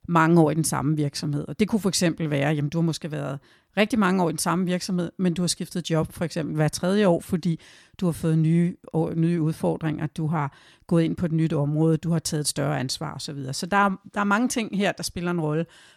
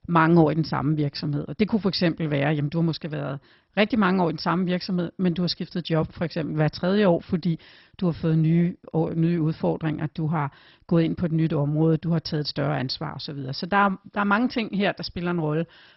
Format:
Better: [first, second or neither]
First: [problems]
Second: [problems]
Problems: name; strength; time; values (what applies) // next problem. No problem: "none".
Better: first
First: none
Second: garbled, watery; badly; nothing above 5.5 kHz